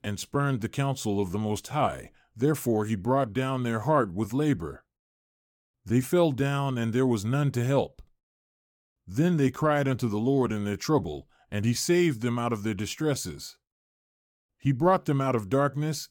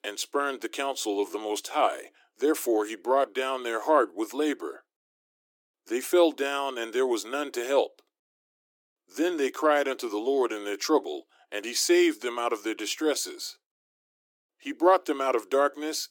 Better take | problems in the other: first | thin; very; fading below 300 Hz

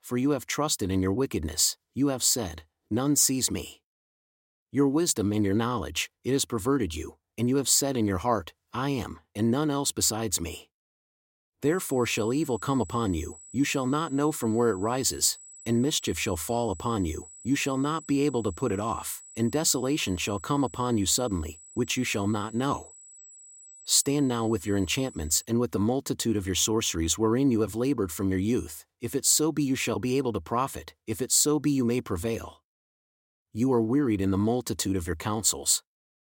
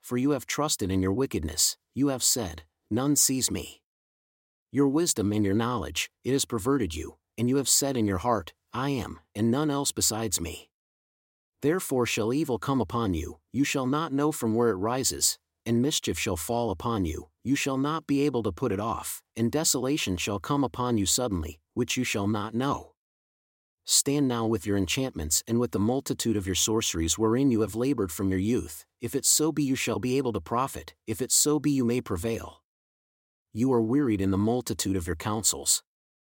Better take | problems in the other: second | high-pitched whine; noticeable; from 12 to 25 s; 8 kHz, 20 dB below the speech

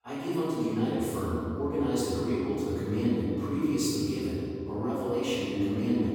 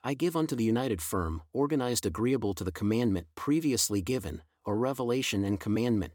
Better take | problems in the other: second | off-mic speech; far // room echo; strong; dies away in 2.5 s

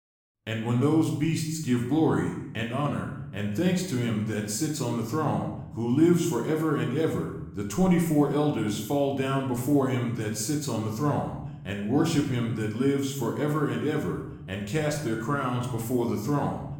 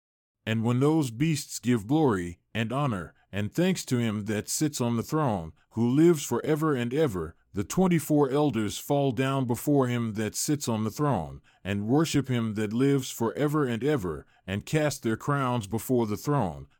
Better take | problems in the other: second | room echo; noticeable; dies away in 0.7 s // off-mic speech; somewhat distant

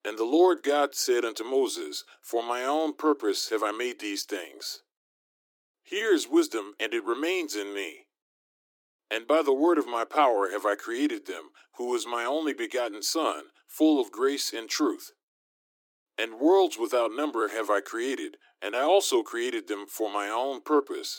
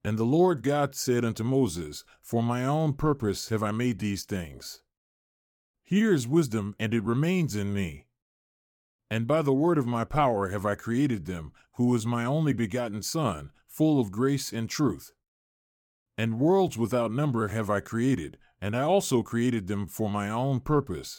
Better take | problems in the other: second | thin; somewhat; fading below 300 Hz

